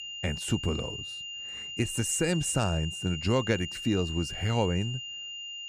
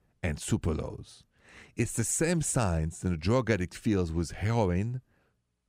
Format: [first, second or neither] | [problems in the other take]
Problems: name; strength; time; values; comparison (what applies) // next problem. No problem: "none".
second | high-pitched whine; loud; throughout; 3 kHz, 7 dB below the speech